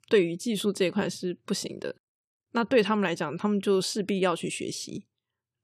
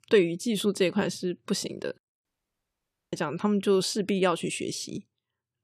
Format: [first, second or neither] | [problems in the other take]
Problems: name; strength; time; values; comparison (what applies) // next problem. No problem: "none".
first | audio cutting out; at 2.5 s for 1 s